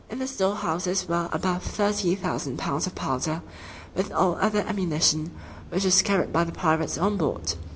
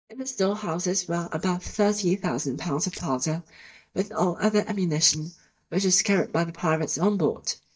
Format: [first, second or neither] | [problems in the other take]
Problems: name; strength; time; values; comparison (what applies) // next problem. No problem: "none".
first | noise reduction (neural mask model DeepFilterNet 3)